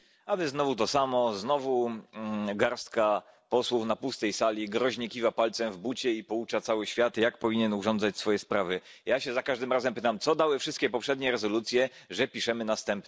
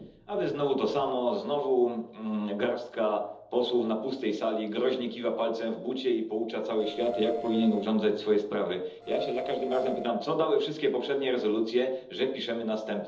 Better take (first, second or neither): first